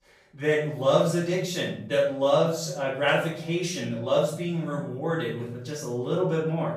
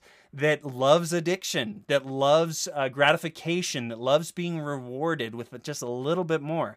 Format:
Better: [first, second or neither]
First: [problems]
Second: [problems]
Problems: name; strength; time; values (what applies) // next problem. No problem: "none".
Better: second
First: off-mic speech; far // room echo; noticeable; dies away in 0.8 s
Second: none